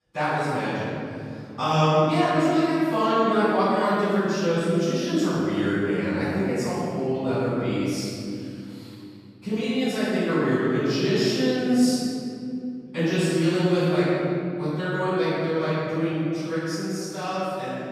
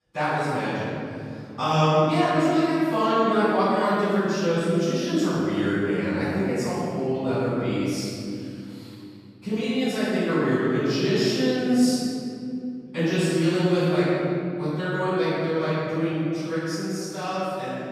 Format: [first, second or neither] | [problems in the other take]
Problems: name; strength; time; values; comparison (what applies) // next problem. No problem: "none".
neither | off-mic speech; far; the same in both // room echo; strong; dies away in 3 s; the same in both